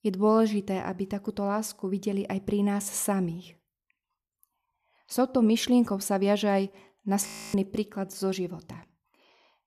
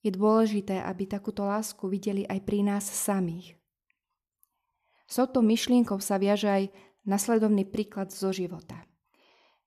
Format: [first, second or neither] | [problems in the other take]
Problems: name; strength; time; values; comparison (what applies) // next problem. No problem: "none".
second | audio freezing; at 7.5 s